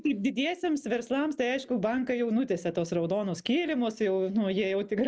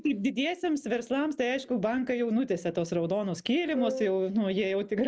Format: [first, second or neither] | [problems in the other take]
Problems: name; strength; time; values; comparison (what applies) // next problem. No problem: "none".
first | background sound (Wind instrument, woodwind instrument); 7 dB below the speech